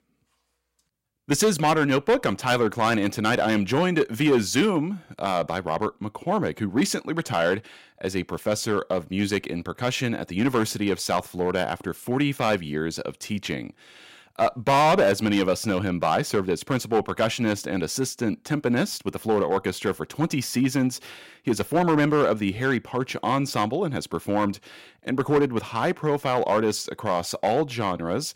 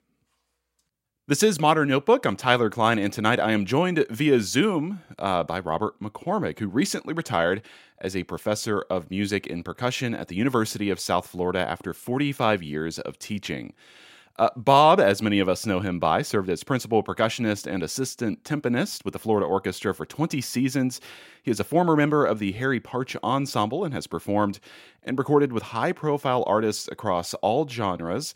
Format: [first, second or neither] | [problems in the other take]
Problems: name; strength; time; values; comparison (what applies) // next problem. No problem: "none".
second | distortion; slight; 4% of the sound clipped